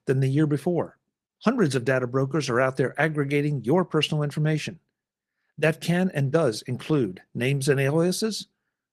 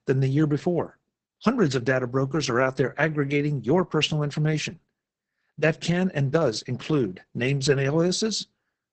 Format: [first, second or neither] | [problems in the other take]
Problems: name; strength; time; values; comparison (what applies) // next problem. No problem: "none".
first | garbled, watery; badly; nothing above 8 kHz; slightly in the first